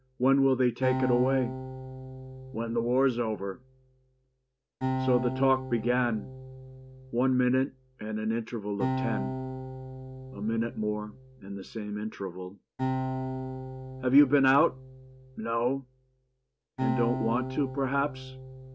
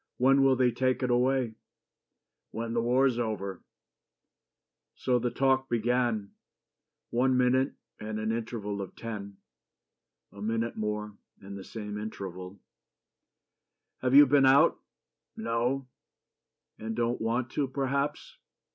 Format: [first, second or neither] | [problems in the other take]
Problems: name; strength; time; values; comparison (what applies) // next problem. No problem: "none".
second | background sound (Acoustic guitar); 6 dB below the speech